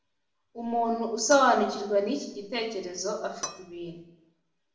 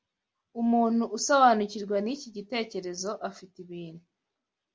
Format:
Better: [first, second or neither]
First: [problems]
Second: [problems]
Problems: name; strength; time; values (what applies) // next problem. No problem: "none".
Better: second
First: background sound (Cutlery, silverware / Dishes, pots, and pans); 12 dB below the speech // room echo; dies away in 0.8 s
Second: none